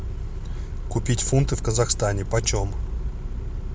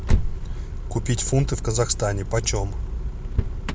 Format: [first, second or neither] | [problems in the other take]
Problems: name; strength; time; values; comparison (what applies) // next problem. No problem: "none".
first | background sound (Motor vehicle (road)); 3 dB below the speech